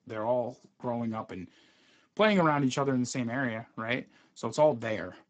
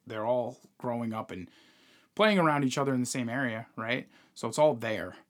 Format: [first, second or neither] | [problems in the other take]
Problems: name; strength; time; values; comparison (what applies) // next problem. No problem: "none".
second | garbled, watery; badly; nothing above 8 kHz